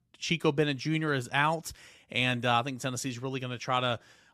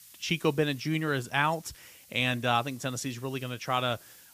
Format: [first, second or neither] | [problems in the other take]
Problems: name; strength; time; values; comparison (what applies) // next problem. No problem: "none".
first | hiss; faint; throughout; 20 dB below the speech